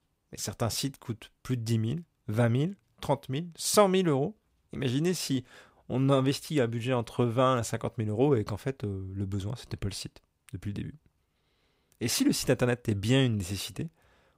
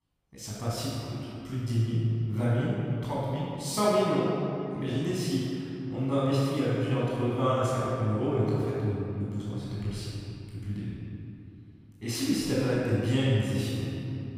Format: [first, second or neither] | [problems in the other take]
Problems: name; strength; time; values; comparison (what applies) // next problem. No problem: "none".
first | off-mic speech; far // room echo; strong; dies away in 2.6 s